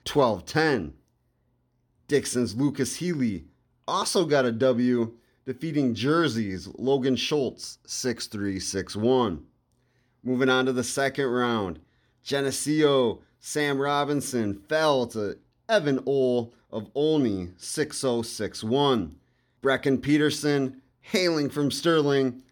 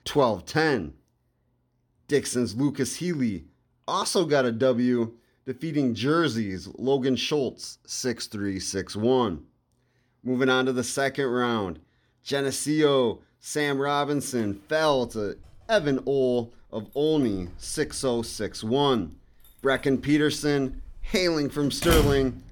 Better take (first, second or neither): first